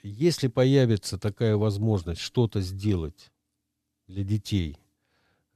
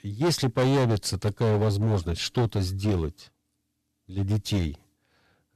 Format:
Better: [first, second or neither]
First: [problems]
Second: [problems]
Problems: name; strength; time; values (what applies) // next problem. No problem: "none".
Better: first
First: none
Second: distortion; heavy; 12% of the sound clipped